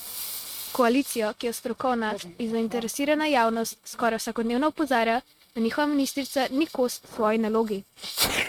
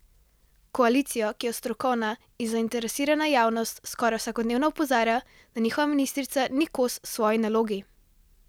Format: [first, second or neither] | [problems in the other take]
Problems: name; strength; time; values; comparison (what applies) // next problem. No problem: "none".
second | noise reduction (neural mask model RNNoise)